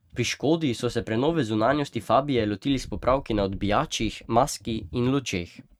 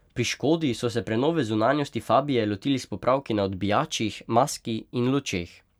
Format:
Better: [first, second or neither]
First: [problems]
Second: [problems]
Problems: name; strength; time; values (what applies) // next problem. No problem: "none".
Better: second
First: noise reduction (neural mask model RNNoise)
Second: none